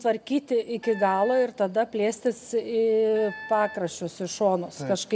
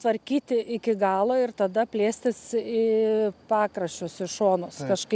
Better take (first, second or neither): second